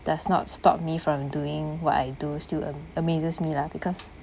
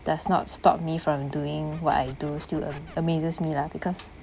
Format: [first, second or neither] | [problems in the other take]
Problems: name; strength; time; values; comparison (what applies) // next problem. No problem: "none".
first | background sound (Scratching (performance technique)); 19 dB below the speech